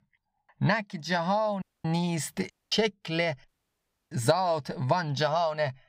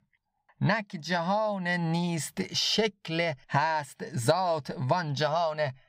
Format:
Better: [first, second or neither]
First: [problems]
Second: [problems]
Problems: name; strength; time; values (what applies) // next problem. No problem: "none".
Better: second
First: audio cutting out; at 1.5 s, at 2.5 s and at 3.5 s for 0.5 s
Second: none